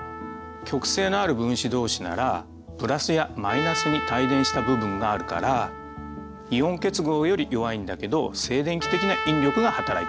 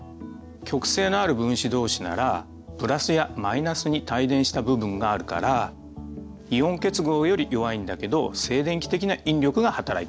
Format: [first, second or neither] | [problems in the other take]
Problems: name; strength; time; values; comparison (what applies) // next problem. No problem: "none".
second | background sound (Trumpet); 8 dB below the speech